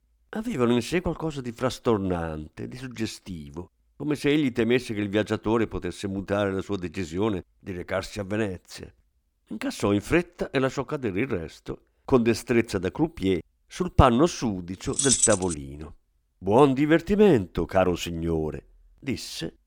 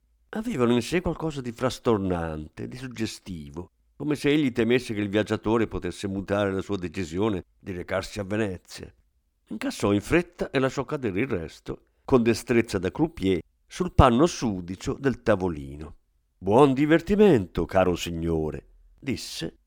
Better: second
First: jangling keys; loud; at 15 s; peak 5 dB above the speech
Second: none

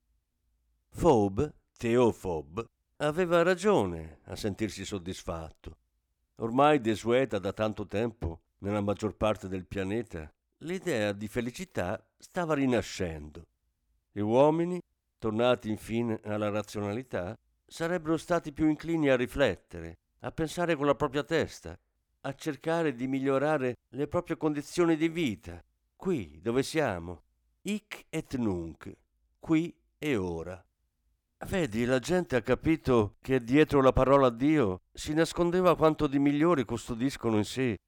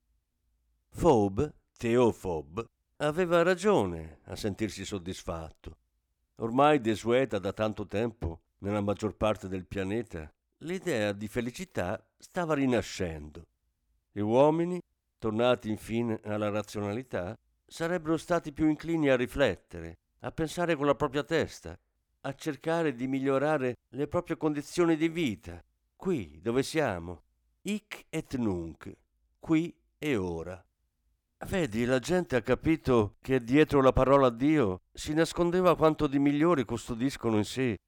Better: neither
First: none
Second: none

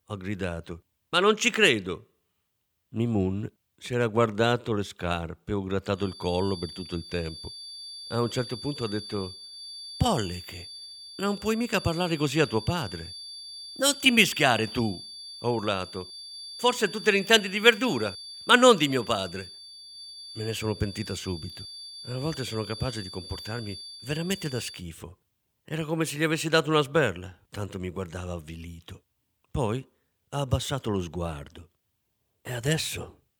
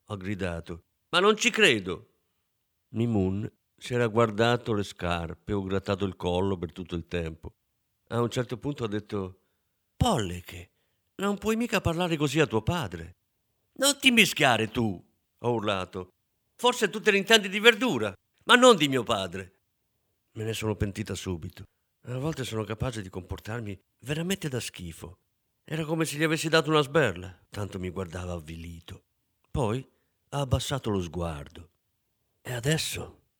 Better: second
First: high-pitched whine; noticeable; from 6 to 25 s; 4.5 kHz, 15 dB below the speech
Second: none

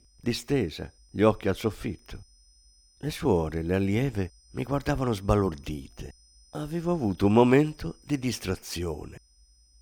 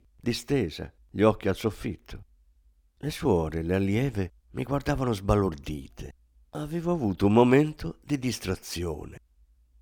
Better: second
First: high-pitched whine; faint; throughout; 5 kHz, 30 dB below the speech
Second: none

